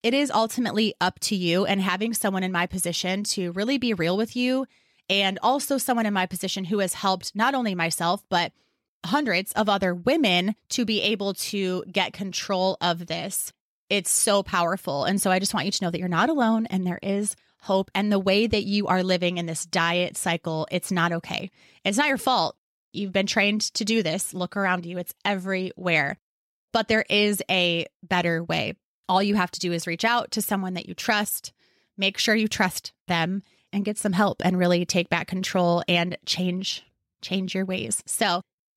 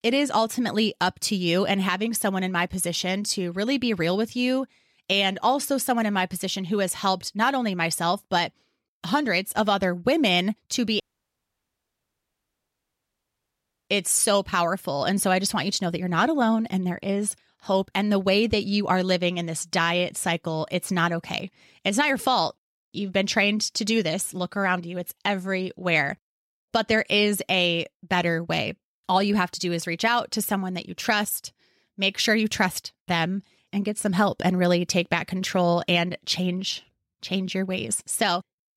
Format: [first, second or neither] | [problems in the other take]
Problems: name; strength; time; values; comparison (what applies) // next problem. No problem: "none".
first | audio cutting out; at 11 s for 3 s